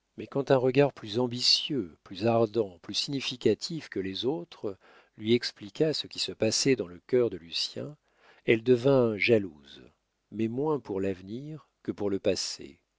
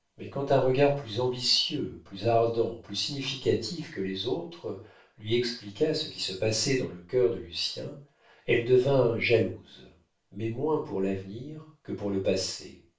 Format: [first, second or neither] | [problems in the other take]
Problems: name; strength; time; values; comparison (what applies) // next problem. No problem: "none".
first | room echo; dies away in 0.3 s